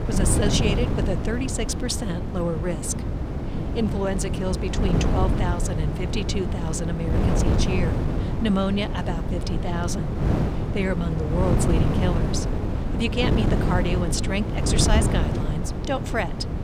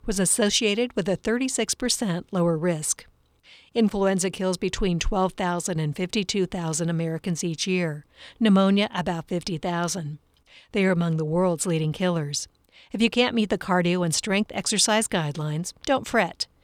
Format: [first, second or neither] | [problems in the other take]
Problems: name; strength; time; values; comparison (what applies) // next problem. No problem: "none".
second | wind noise on the microphone; heavy; 3 dB below the speech